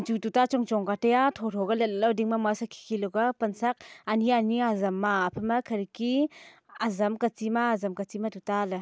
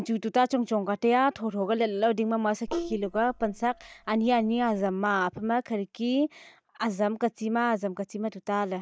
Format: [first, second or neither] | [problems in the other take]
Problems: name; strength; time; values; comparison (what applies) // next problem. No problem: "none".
first | noise reduction (neural mask model DeepFilterNet 3)